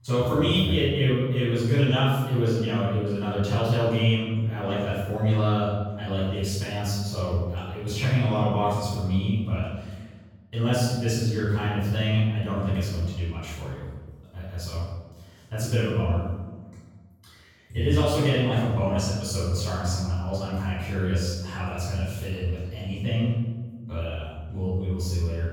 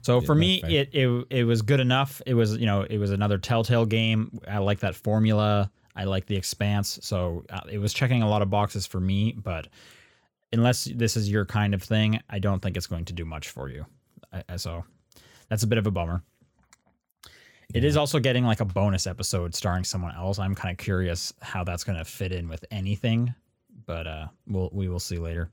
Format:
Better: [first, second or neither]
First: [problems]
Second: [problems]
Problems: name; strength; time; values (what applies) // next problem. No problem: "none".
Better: second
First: off-mic speech; far // room echo; strong; dies away in 1.1 s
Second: none